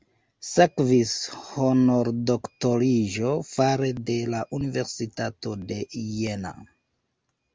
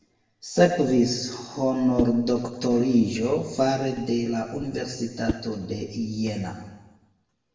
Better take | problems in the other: first | background sound (Whoosh, swoosh, swish); 13 dB below the speech // room echo; dies away in 1.1 s

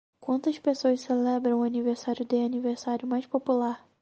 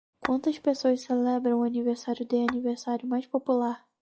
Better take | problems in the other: first | noise reduction (classical method log-MMSE)

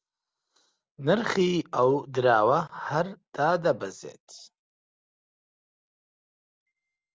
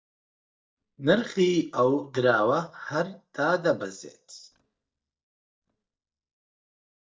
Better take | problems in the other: first | noise reduction (neural mask model DeepFilterNet 3)

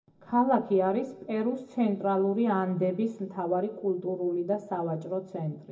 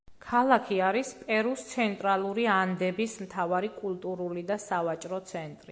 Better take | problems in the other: second | room echo; dies away in 0.4 s

